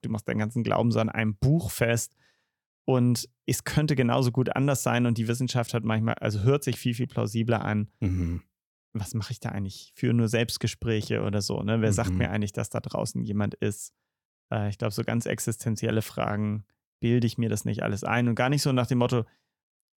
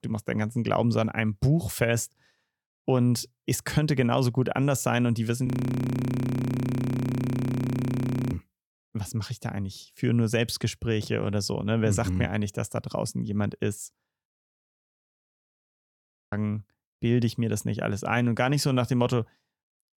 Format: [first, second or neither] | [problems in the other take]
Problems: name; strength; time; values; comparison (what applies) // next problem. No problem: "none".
first | audio freezing; at 5.5 s for 3 s and at 14 s for 2 s